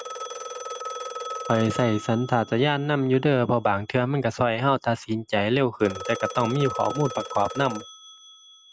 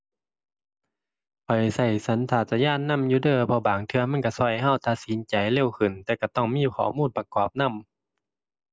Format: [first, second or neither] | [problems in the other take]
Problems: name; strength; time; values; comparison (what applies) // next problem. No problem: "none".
second | background sound (Telephone); 12 dB below the speech